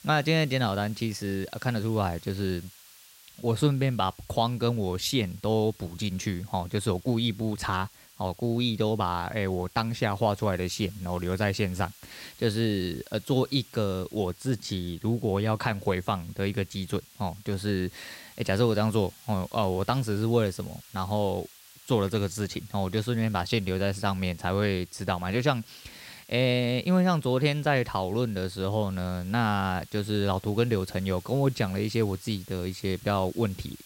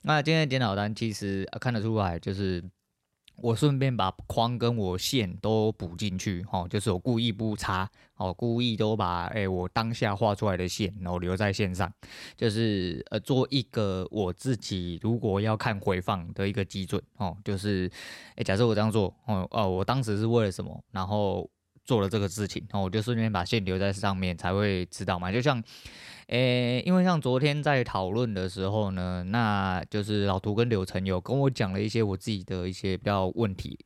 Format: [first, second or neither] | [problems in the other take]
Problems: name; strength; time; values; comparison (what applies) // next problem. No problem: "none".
second | hiss; faint; throughout; 20 dB below the speech